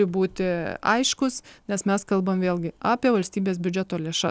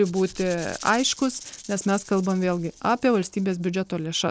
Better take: first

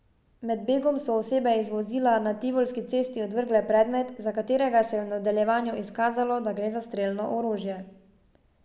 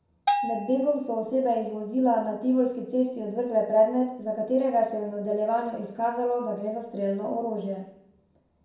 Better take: first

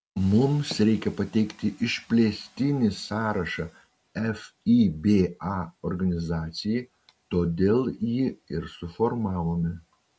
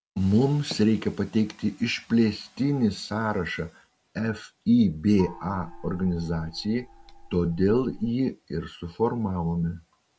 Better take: first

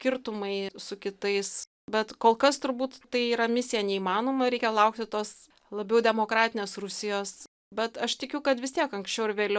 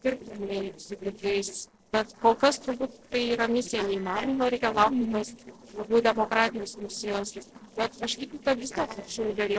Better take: first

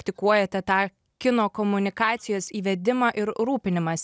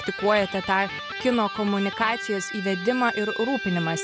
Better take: first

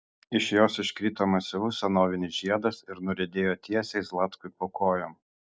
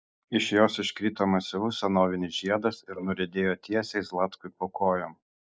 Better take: first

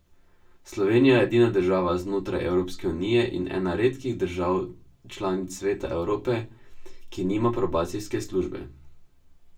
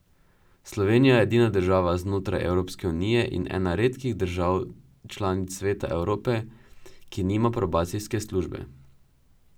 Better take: second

